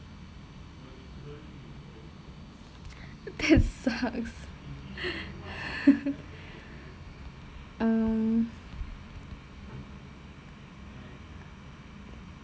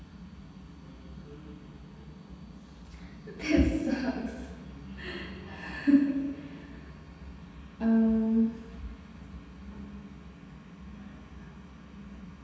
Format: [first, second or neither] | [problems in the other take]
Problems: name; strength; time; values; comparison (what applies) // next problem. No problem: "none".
first | room echo; dies away in 1.2 s